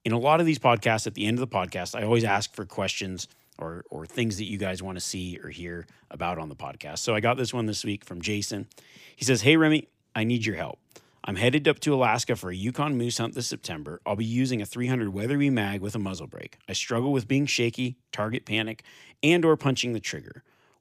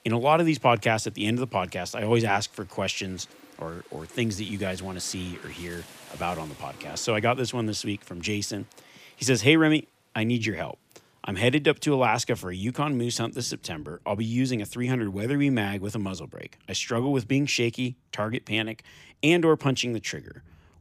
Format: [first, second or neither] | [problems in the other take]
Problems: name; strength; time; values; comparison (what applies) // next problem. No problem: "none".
first | rain or running water; faint; throughout; 25 dB below the speech